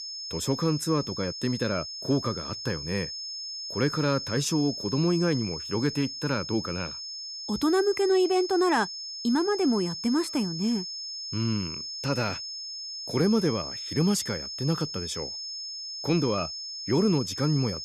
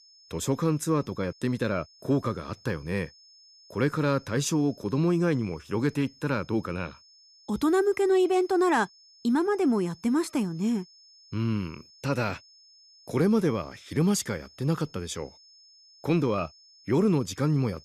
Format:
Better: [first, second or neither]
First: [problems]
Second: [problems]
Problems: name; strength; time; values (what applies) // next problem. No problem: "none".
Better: second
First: high-pitched whine; loud; throughout; 5 kHz, 6 dB below the speech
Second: high-pitched whine; faint; throughout; 5 kHz, 25 dB below the speech